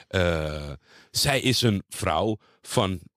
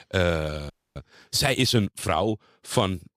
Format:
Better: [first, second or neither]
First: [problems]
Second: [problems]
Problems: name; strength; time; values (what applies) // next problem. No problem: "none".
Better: first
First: none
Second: audio freezing; at 0.5 s